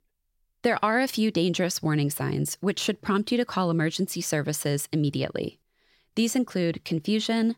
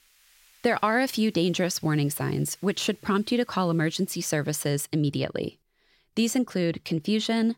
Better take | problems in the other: first | hiss; faint; until 4.5 s; 30 dB below the speech

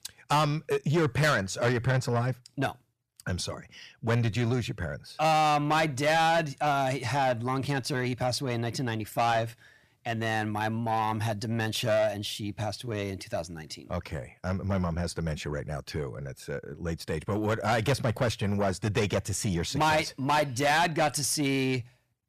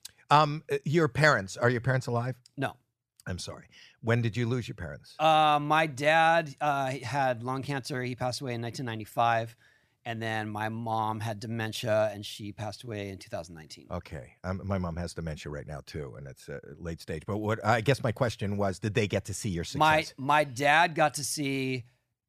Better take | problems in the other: second | distortion; heavy; 7 dB below the speech

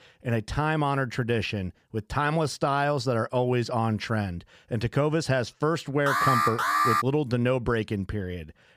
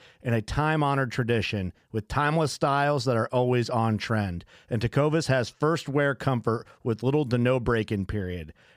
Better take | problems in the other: second | alarm; loud; at 6 s; peak 5 dB above the speech

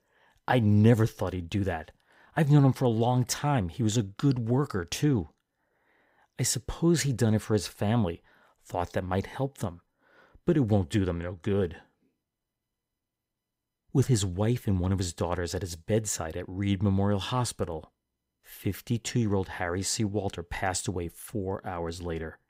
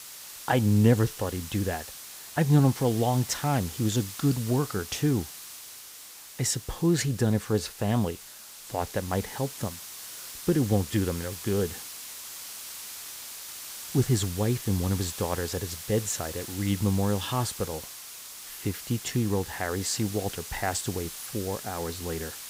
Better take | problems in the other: first | hiss; noticeable; throughout; 10 dB below the speech

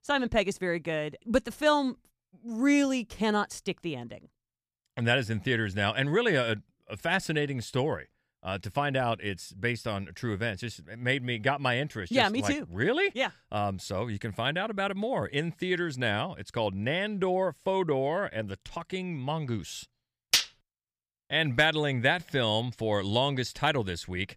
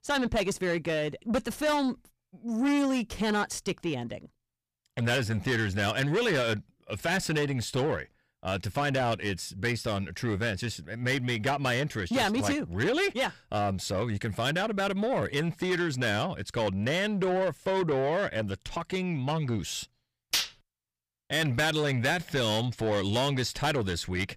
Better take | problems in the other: first | distortion; heavy; 8 dB below the speech

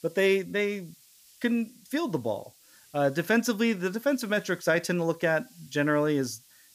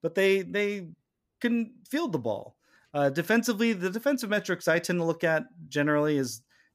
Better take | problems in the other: second | hiss; faint; throughout; 25 dB below the speech

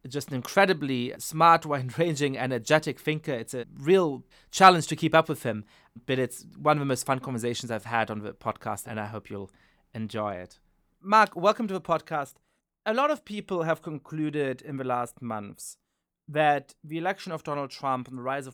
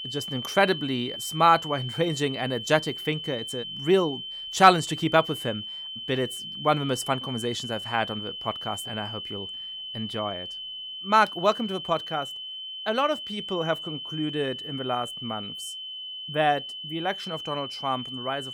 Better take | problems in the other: first | high-pitched whine; loud; throughout; 3 kHz, 7 dB below the speech

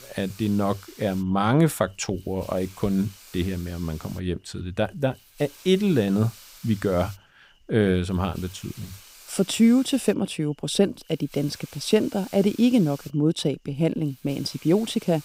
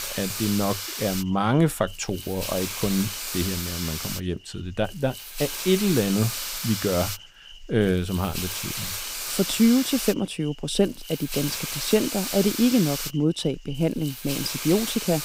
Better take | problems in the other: first | hiss; loud; throughout; 5 dB below the speech; faint in the first

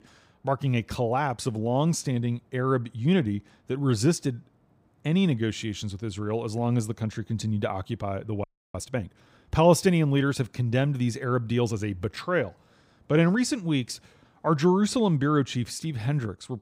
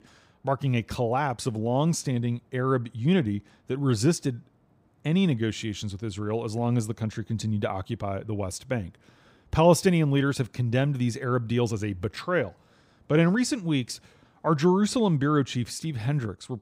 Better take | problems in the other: second | audio freezing; at 8.5 s

